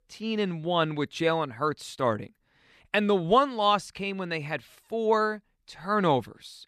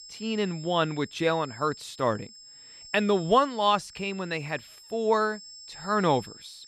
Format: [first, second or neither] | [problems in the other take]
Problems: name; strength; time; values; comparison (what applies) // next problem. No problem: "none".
first | high-pitched whine; noticeable; throughout; 5.5 kHz, 20 dB below the speech